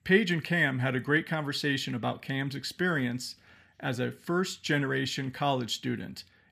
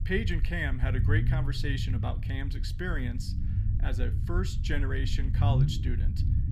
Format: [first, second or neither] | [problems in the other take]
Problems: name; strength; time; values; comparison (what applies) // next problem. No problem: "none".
first | low rumble; loud; throughout; 8 dB below the speech